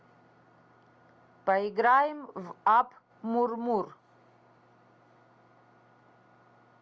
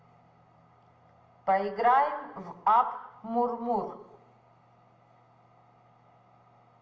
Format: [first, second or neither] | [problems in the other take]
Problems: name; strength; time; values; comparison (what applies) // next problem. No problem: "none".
first | room echo; dies away in 0.9 s